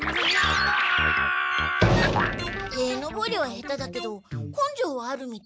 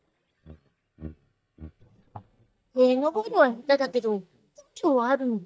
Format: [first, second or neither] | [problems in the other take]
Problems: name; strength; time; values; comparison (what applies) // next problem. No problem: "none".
first | noise reduction (neural mask model DeepFilterNet 3)